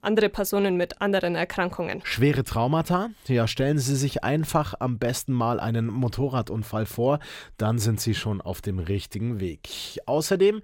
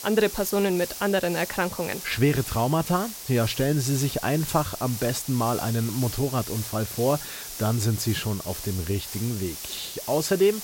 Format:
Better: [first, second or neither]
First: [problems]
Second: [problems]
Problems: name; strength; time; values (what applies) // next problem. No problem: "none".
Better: first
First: none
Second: hiss; loud; throughout; 8 dB below the speech